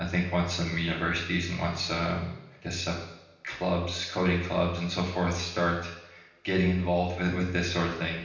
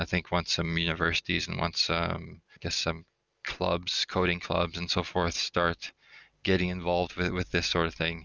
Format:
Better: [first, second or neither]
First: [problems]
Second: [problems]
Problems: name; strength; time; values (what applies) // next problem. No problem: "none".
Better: second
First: room echo; dies away in 0.9 s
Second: none